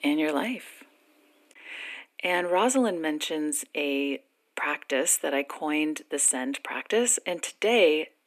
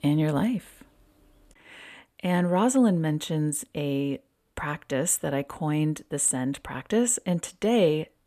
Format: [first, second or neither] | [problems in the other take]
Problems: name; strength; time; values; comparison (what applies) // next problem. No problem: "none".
second | thin; somewhat; fading below 300 Hz